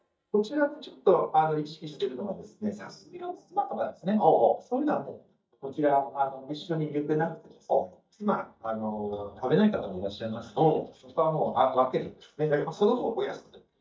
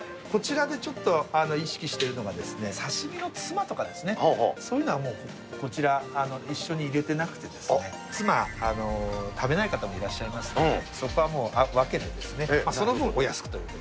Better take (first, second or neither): second